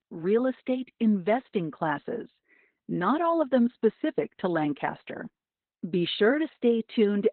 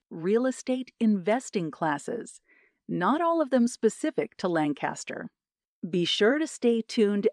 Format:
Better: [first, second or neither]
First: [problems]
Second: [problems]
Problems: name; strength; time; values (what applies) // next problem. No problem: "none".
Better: second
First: garbled, watery; badly; nothing above 4 kHz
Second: none